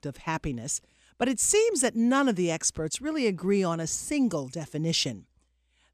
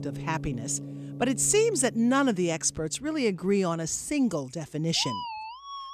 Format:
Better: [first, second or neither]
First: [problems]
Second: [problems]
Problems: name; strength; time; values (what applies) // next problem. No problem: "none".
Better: first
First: none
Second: background music; noticeable; throughout; 10 dB below the speech